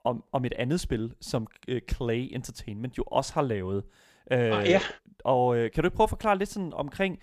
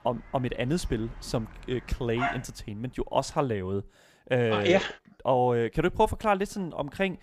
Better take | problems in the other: first | animal sounds; noticeable; throughout; 10 dB below the speech

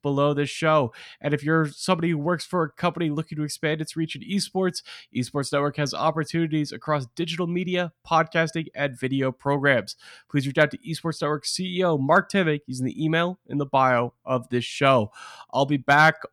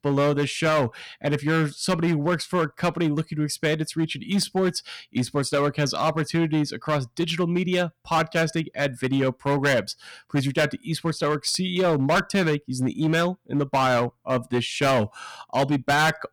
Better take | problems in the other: first | distortion; heavy; 10% of the sound clipped

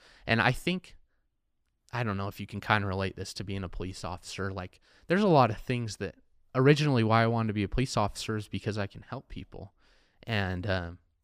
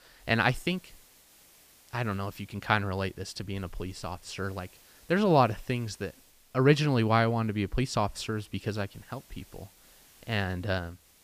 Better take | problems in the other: first | hiss; faint; throughout; 25 dB below the speech

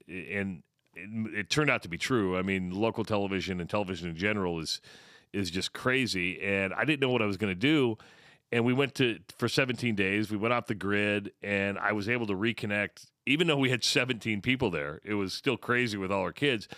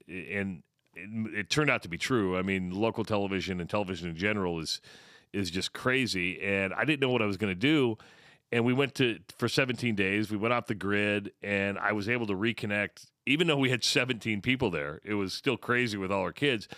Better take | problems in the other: neither | none

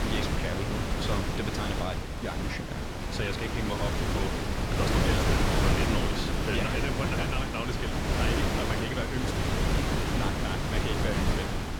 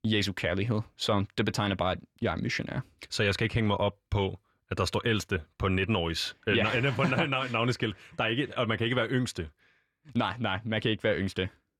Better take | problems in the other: second | wind noise on the microphone; heavy; 4 dB above the speech

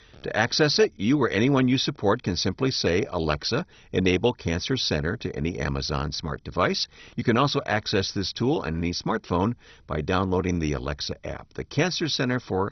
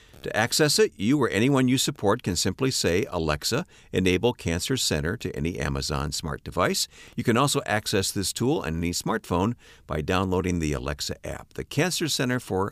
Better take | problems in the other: second | garbled, watery; badly; nothing above 6 kHz

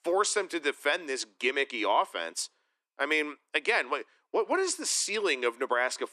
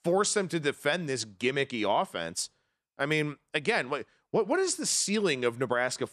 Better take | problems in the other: second | thin; somewhat; fading below 300 Hz

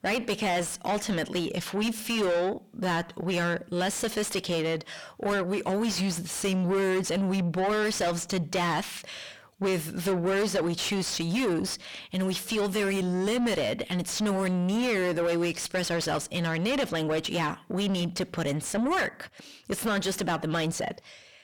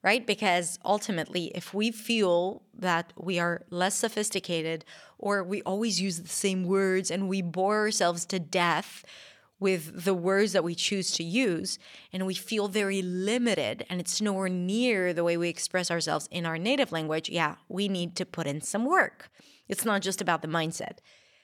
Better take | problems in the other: second | distortion; heavy; 6 dB below the speech

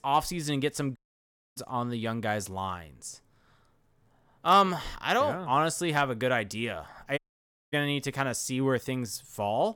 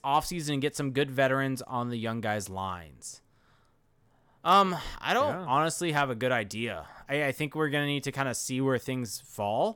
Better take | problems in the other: second | audio cutting out; at 1 s for 0.5 s and at 7 s for 0.5 s

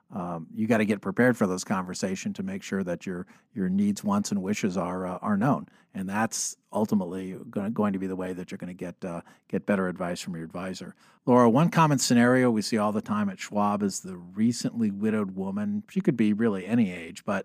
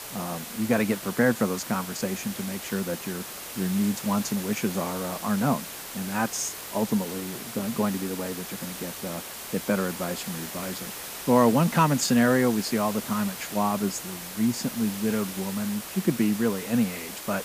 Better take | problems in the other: first | hiss; loud; throughout; 8 dB below the speech

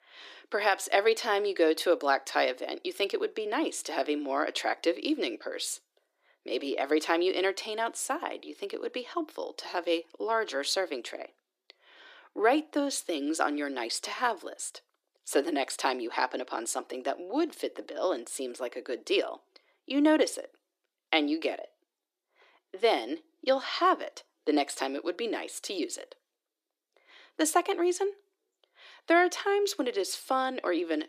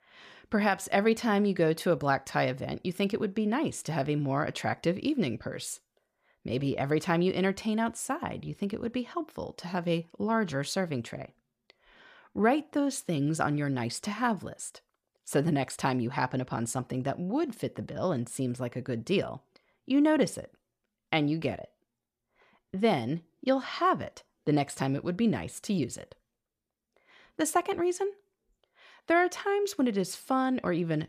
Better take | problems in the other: second | thin; somewhat; fading below 300 Hz

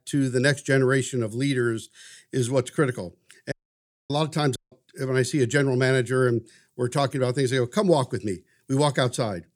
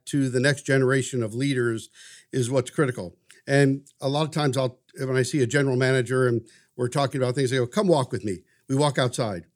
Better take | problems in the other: second | audio cutting out; at 3.5 s for 0.5 s and at 4.5 s

